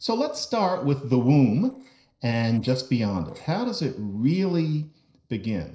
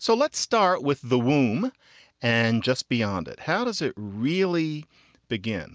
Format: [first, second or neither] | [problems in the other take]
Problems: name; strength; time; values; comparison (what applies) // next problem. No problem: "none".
second | noise reduction (neural separator model SepFormer DNS4)